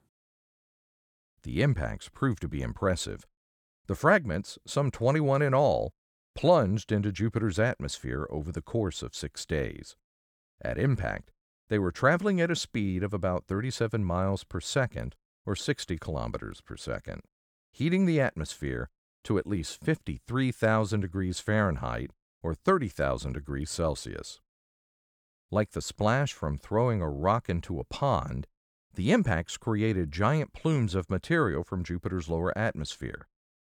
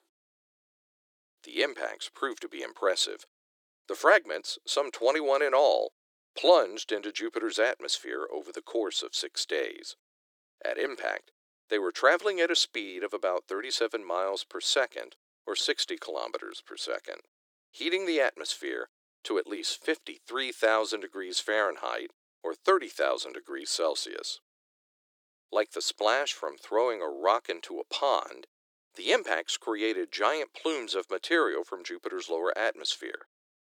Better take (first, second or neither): first